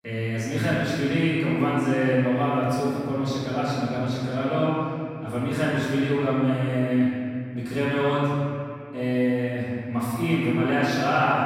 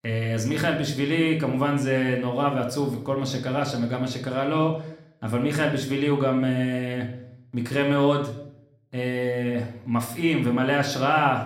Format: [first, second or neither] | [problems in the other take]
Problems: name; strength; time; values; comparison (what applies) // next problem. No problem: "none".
second | room echo; strong; dies away in 2.3 s; slight in the second // off-mic speech; far; somewhat distant in the second